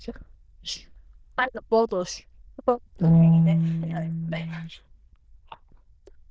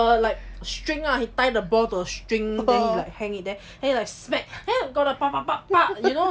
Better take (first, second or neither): second